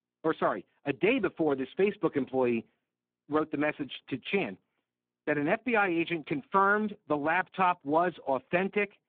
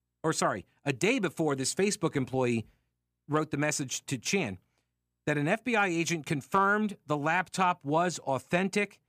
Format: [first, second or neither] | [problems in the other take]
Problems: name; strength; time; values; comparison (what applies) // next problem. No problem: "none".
second | phone-call audio; poor line